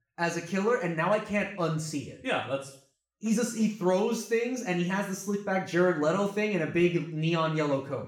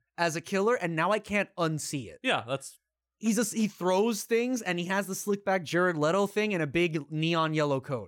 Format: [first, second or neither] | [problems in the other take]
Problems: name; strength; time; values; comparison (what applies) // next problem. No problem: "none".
second | room echo; slight; dies away in 0.5 s // off-mic speech; far